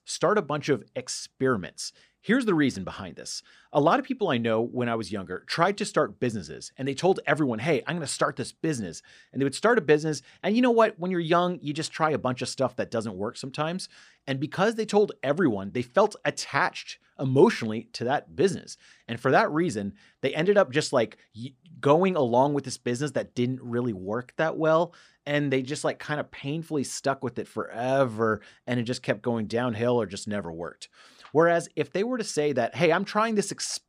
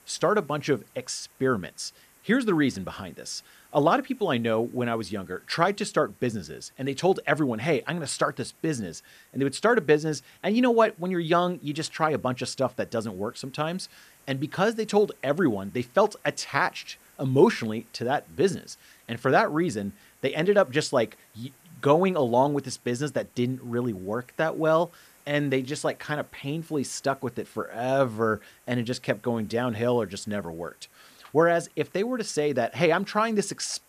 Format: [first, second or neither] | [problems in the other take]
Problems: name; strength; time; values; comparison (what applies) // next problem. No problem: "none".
first | hiss; faint; throughout; 30 dB below the speech